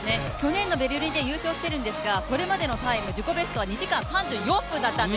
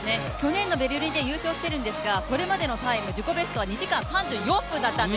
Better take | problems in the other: second | background sound (Bass drum); 17 dB below the speech

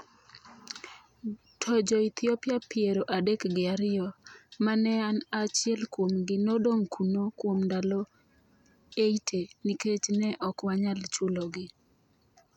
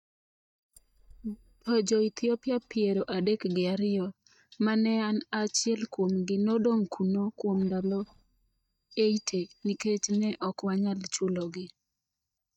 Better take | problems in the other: first | noise reduction (neural mask model DeepFilterNet 3)

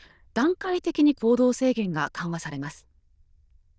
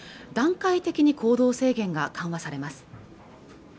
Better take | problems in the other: second | noise reduction (neural diffusion model UNIVERSE++)

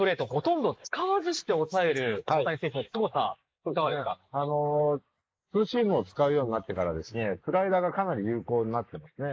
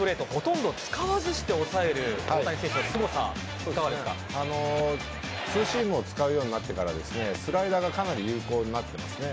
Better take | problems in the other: second | noise reduction (neural mask model Resemble Enhance denoiser)

